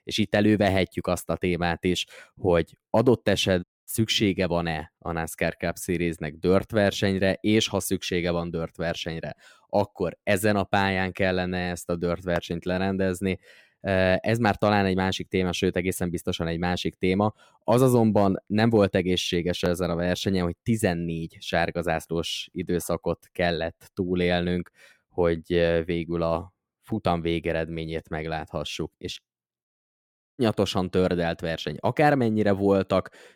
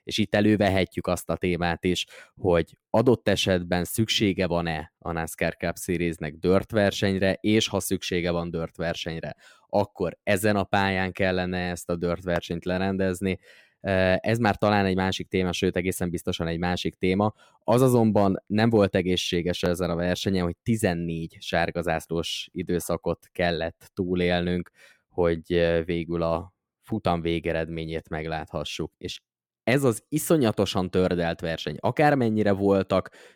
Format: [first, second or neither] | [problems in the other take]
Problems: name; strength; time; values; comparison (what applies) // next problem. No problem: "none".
second | audio cutting out; at 3.5 s and at 30 s for 0.5 s